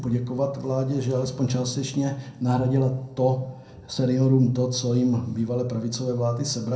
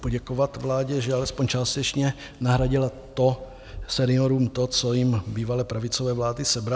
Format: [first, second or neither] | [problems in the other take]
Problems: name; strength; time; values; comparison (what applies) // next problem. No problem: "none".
second | room echo; dies away in 0.6 s